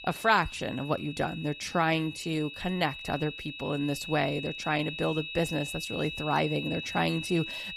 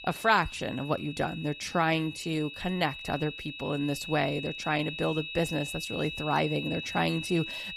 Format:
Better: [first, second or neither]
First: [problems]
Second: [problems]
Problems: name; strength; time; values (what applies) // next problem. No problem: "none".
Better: neither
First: high-pitched whine; loud; throughout; 2.5 kHz, 8 dB below the speech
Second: high-pitched whine; loud; throughout; 2.5 kHz, 8 dB below the speech